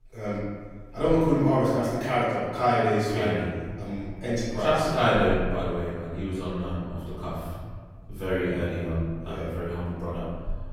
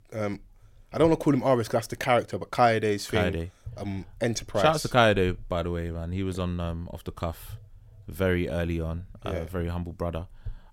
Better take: second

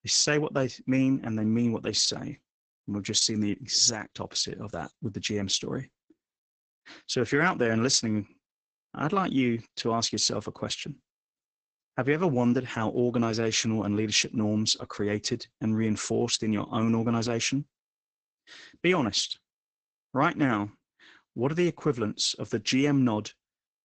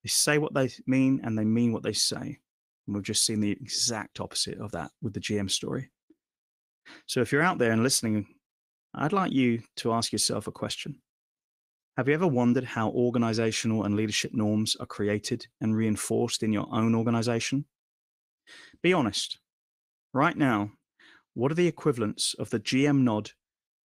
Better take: second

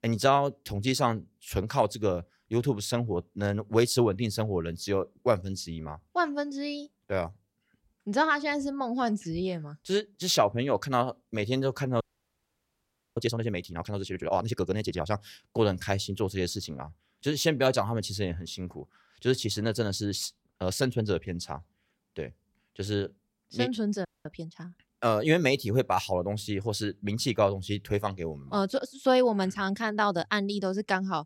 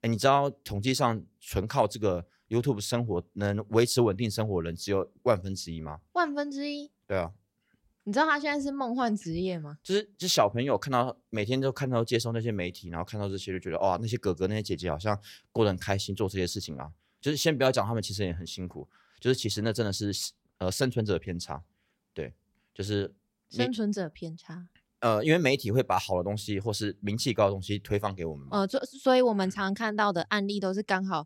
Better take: second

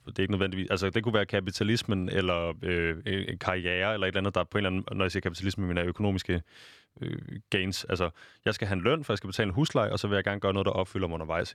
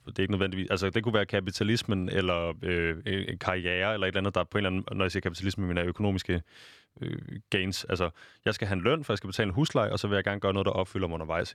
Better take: neither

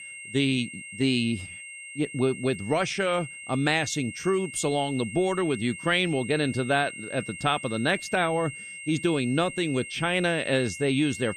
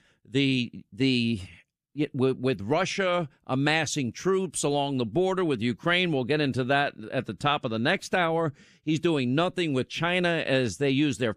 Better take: second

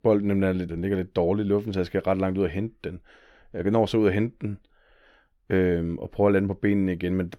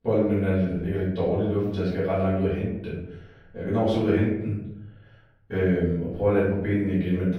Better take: first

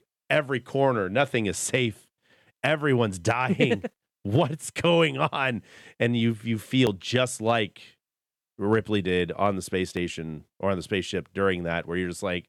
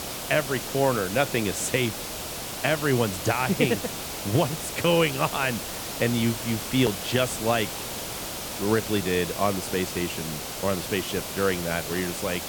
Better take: first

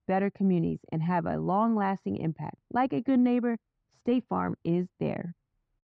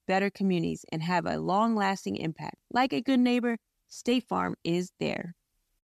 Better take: second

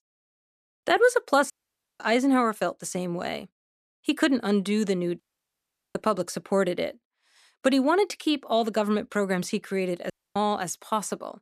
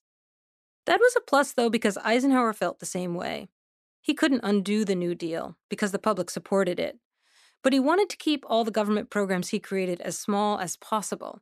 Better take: second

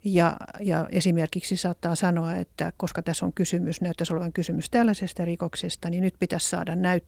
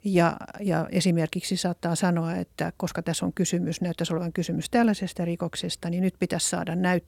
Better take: second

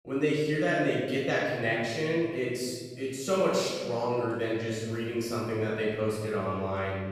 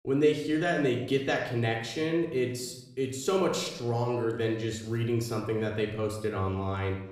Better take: second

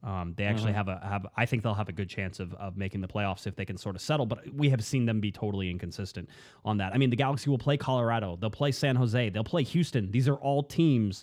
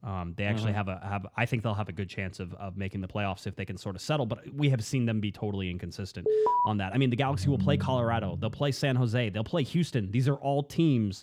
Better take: first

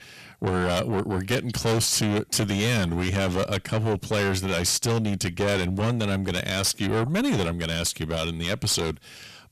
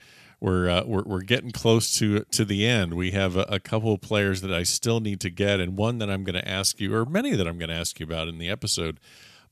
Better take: second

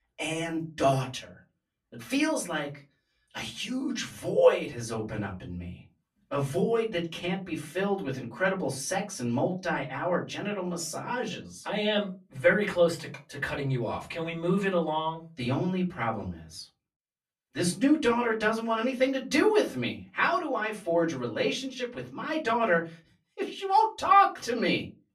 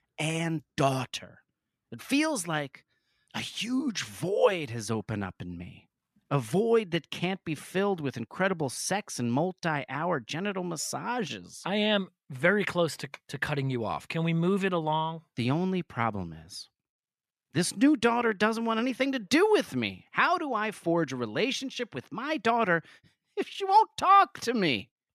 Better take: second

